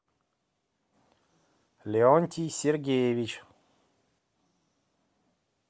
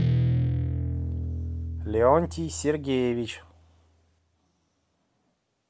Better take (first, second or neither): first